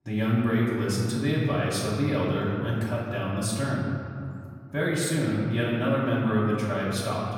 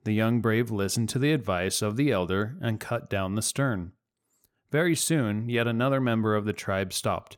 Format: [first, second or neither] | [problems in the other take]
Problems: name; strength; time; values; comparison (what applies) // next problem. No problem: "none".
second | room echo; noticeable; dies away in 2.5 s // off-mic speech; far